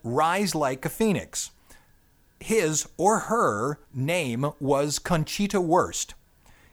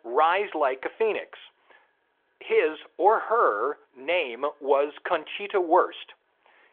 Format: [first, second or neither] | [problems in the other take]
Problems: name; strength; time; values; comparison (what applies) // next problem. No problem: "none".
first | phone-call audio